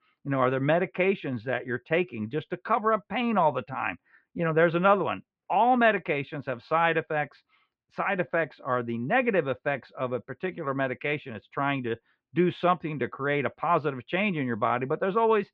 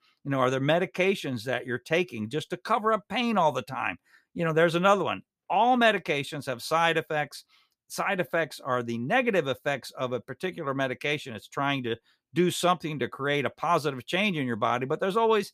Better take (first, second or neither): second